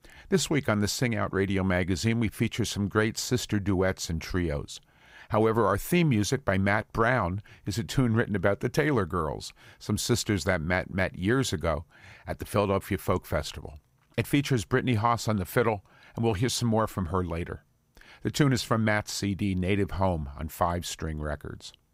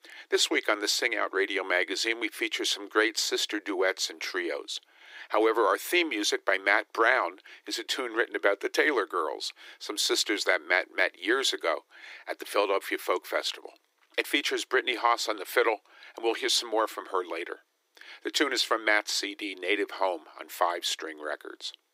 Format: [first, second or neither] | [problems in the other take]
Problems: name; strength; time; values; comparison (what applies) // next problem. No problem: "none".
first | thin; very; fading below 300 Hz